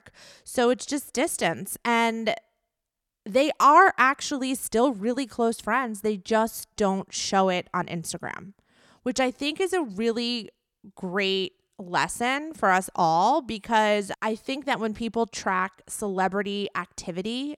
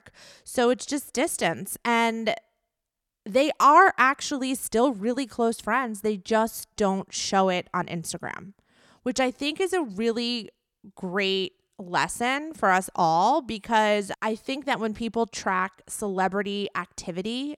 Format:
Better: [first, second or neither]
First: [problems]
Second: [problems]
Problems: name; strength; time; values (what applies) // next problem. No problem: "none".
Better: neither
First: none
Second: none